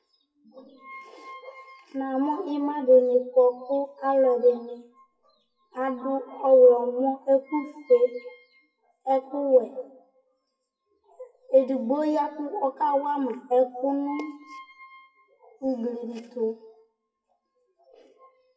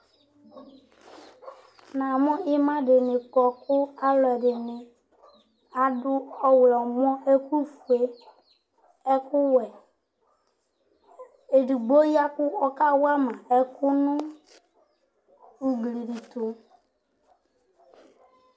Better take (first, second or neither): second